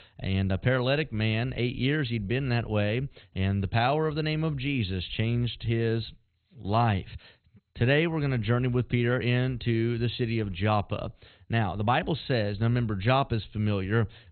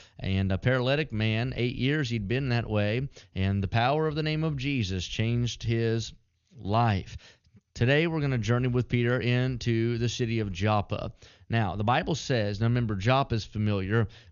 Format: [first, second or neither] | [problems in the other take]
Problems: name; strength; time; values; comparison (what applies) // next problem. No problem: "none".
second | garbled, watery; badly; nothing above 4 kHz; slightly in the second